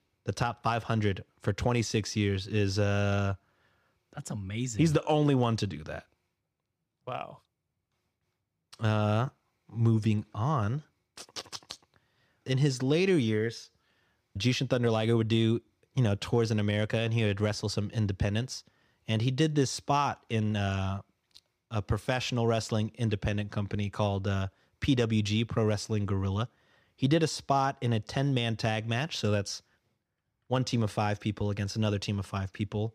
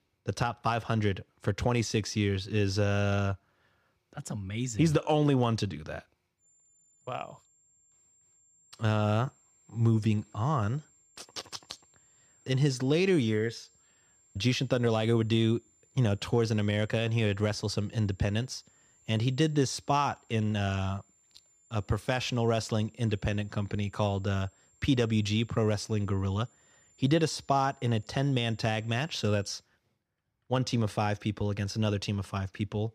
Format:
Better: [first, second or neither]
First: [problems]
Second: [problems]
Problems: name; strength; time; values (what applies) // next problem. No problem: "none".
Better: first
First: none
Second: high-pitched whine; faint; from 6.5 to 30 s; 7.5 kHz, 35 dB below the speech